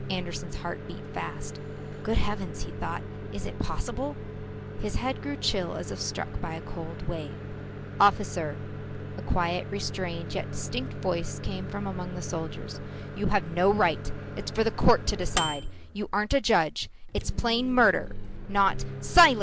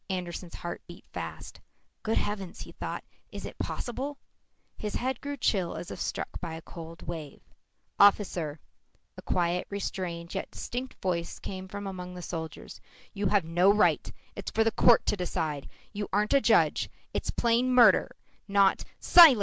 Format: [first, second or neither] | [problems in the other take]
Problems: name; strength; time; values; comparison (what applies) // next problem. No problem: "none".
second | background sound (Microwave oven); 8 dB below the speech